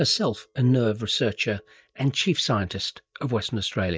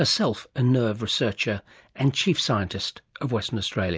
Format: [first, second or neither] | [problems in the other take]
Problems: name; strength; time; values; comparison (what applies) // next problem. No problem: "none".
second | noise reduction (neural mask model DeepFilterNet 3)